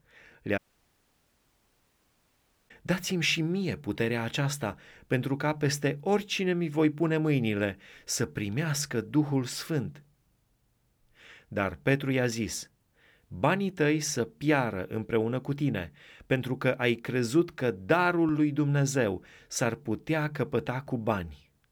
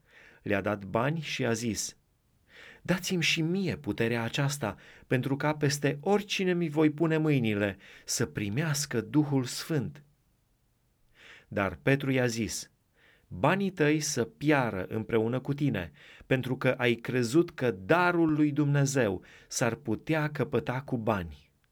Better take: second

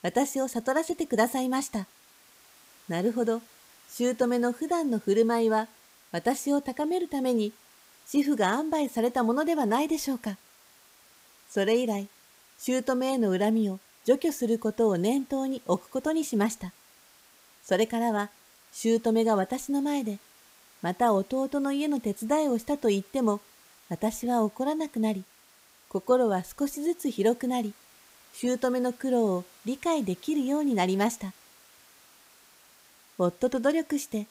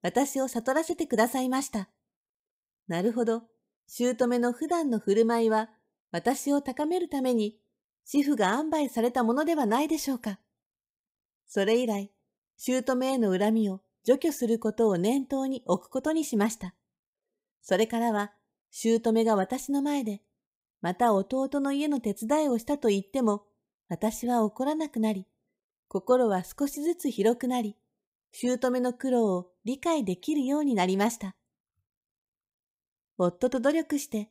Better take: second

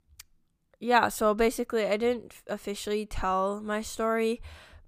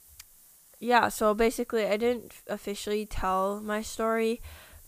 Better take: first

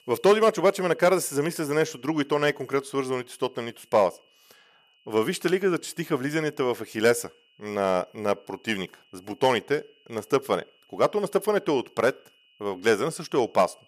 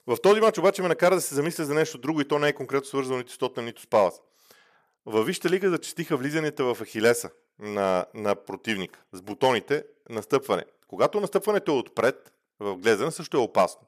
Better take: second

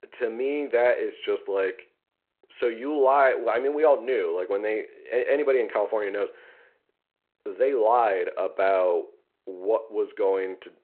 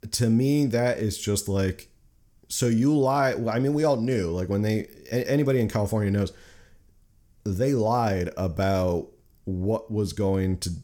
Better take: second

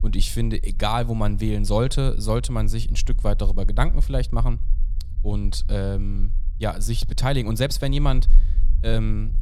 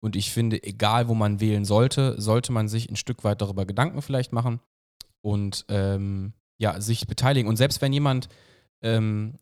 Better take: second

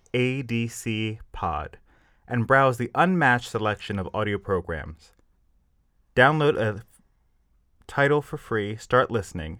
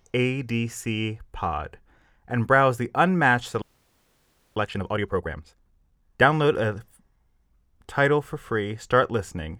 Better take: first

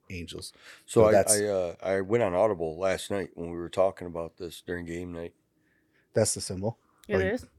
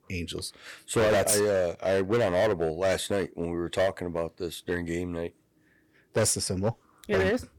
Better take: first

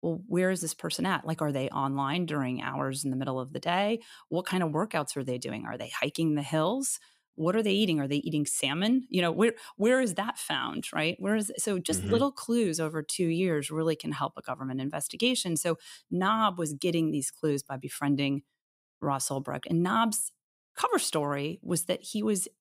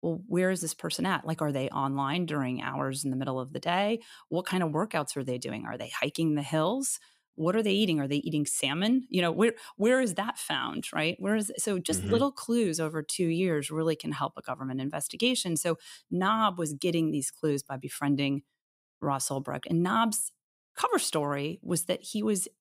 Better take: neither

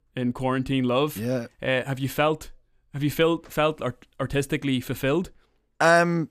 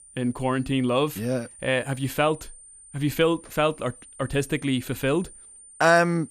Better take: first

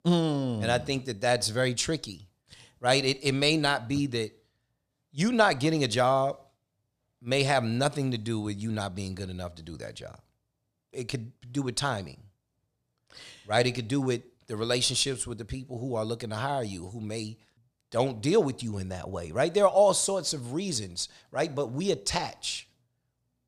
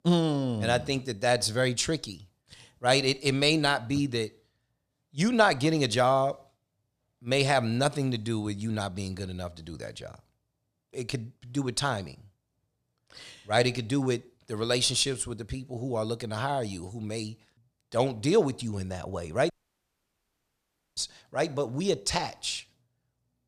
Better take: first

